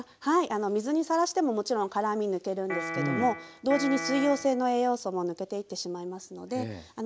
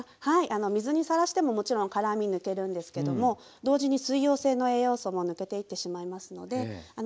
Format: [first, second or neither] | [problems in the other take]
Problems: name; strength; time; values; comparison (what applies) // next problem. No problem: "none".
second | background sound (Piano); 7 dB below the speech